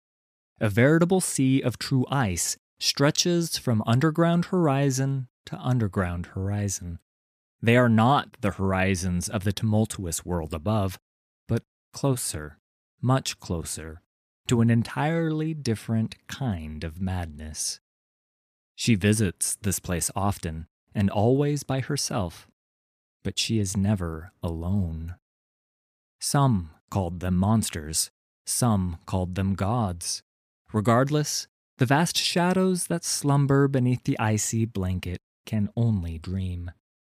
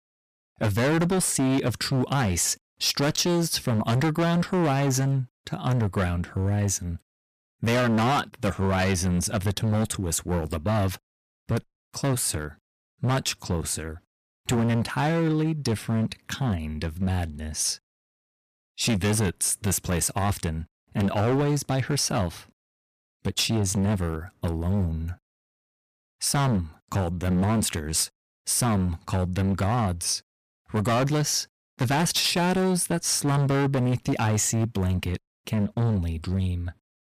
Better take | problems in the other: first | distortion; heavy; 16% of the sound clipped

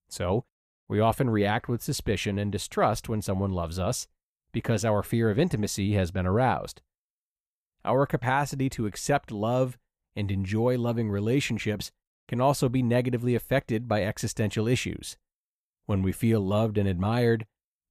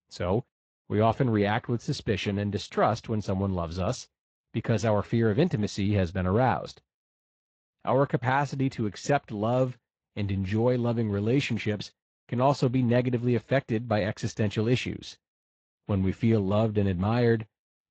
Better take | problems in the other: first | garbled, watery; slightly; nothing above 7.5 kHz

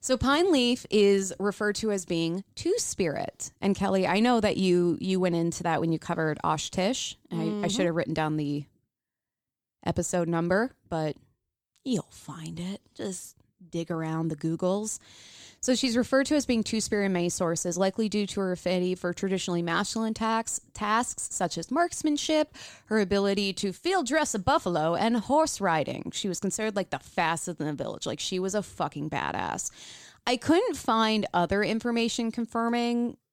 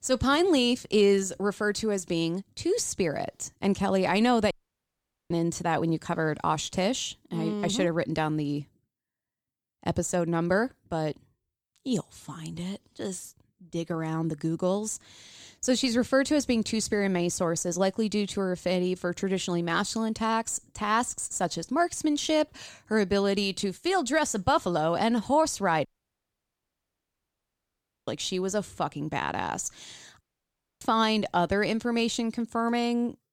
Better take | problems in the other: first | audio cutting out; at 4.5 s for 1 s, at 26 s for 2 s and at 30 s for 0.5 s

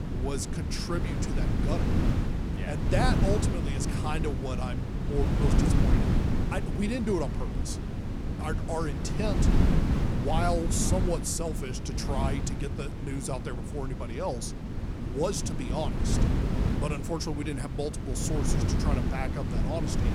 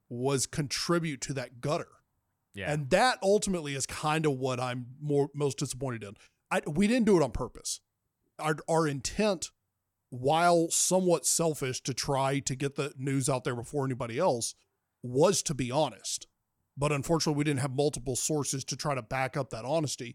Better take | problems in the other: second | wind noise on the microphone; heavy; 3 dB below the speech

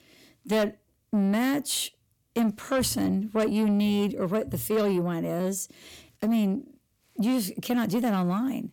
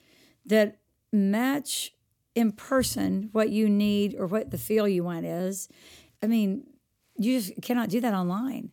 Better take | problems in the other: second | distortion; slight; 10 dB below the speech

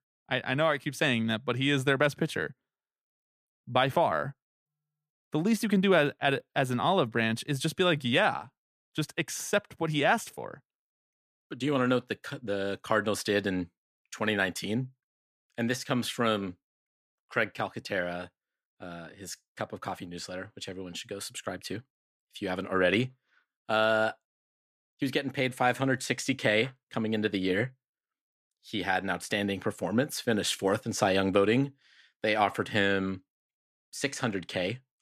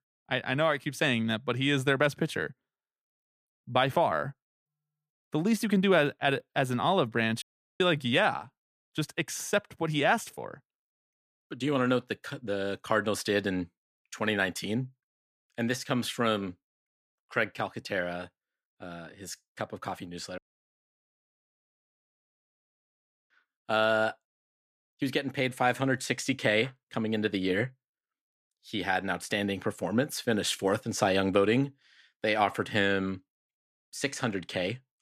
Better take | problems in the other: first | audio cutting out; at 7.5 s and at 20 s for 3 s

